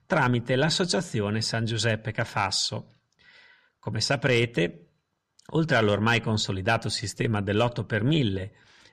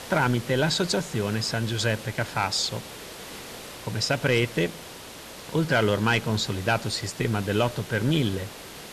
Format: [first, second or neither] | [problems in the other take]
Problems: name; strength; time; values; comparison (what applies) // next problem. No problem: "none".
first | hiss; noticeable; throughout; 15 dB below the speech